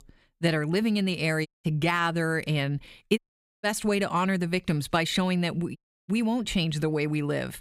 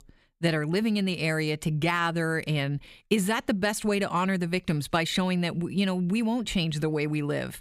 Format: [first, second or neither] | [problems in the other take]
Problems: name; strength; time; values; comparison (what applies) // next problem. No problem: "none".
second | audio cutting out; at 1.5 s, at 3 s and at 6 s